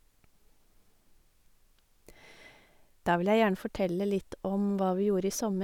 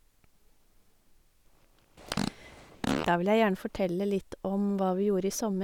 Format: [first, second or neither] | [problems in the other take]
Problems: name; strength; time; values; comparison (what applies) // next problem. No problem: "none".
first | background sound (Fart); 5 dB below the speech